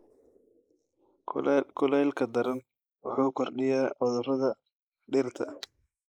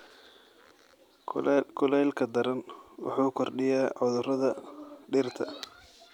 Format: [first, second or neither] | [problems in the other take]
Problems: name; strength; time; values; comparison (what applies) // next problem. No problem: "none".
second | noise reduction (neural mask model Resemble Enhance denoiser)